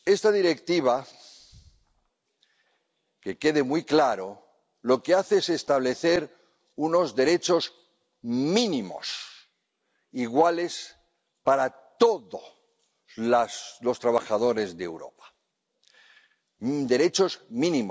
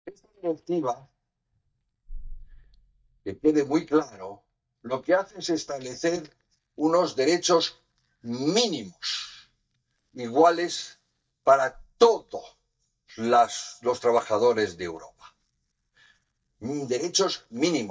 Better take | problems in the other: first | noise reduction (neural mask model DeepFilterNet 3)

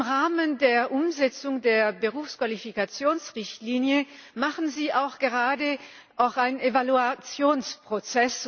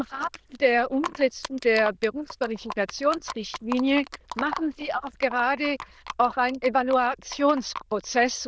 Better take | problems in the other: first | noise reduction (neural diffusion model UNIVERSE++)

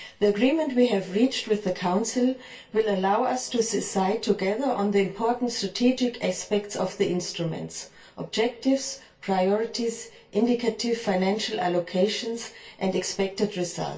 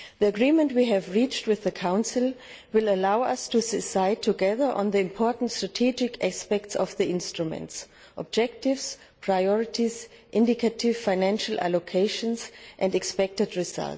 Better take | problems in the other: second | room echo; dies away in 0.2 s

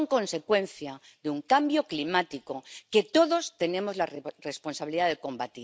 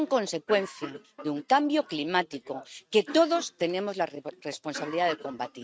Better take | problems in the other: first | noise reduction (neural mask model RNNoise)

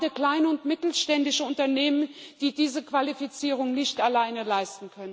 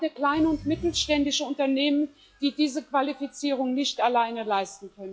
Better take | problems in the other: first | noise reduction (classical method log-MMSE)

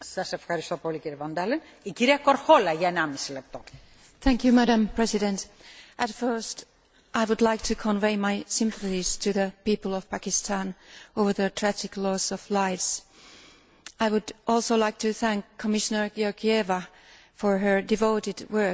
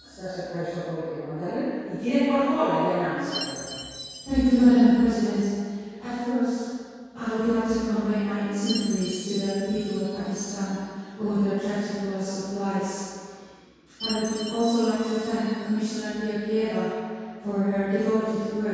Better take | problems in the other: first | background sound (Chime); 18 dB below the speech // room echo; dies away in 2 s

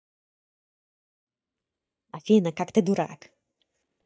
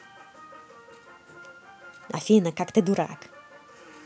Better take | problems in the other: second | noise reduction (neural mask model DeepFilterNet 3)

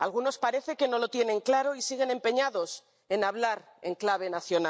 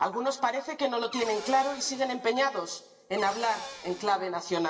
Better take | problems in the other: first | background sound (Cupboard open or close / Door); 13 dB below the speech // room echo; dies away in 0.9 s

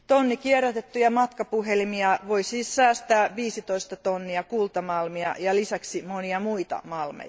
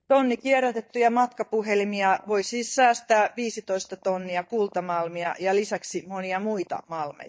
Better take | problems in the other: first | noise reduction (neural mask model DeepFilterNet 3)

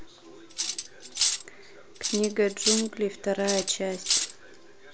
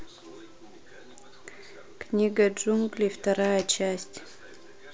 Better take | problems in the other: second | background sound (Cutlery, silverware); 1 dB above the speech

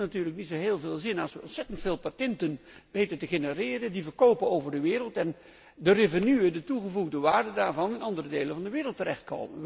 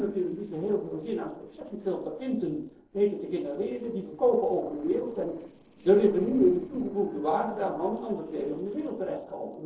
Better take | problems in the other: first | noise reduction (neural separator model SepFormer DNS4)

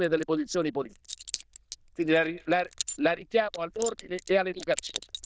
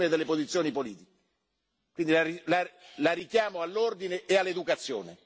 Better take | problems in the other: second | noise reduction (neural diffusion model UNIVERSE++)

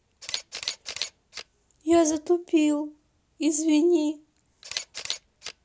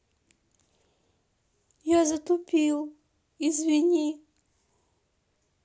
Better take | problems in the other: second | background sound (Camera); 13 dB below the speech

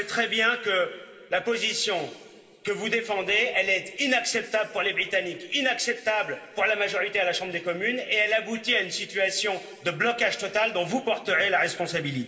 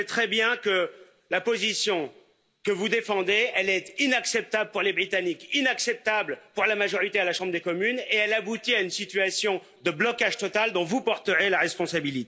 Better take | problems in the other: second | room echo; dies away in 1.8 s

